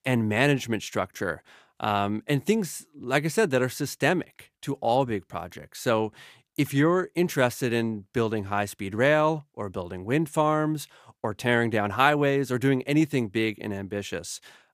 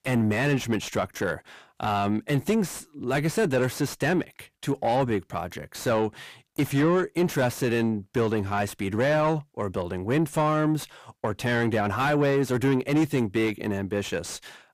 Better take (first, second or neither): first